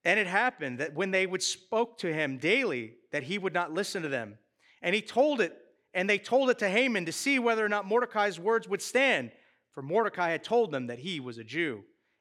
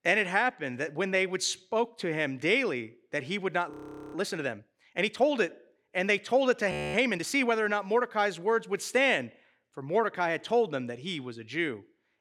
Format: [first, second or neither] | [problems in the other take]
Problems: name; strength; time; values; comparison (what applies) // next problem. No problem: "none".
first | audio freezing; at 3.5 s and at 6.5 s